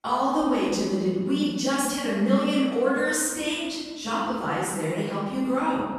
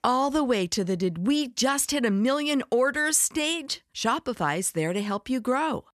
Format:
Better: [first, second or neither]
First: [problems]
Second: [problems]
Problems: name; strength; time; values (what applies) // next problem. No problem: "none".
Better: second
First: off-mic speech; far // room echo; strong; dies away in 1.5 s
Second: none